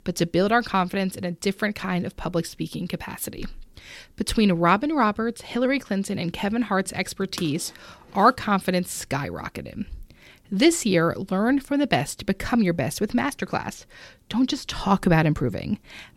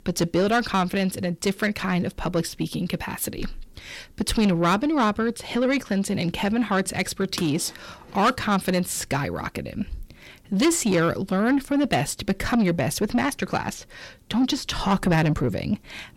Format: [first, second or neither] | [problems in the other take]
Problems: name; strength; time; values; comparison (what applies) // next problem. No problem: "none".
first | distortion; slight; 10 dB below the speech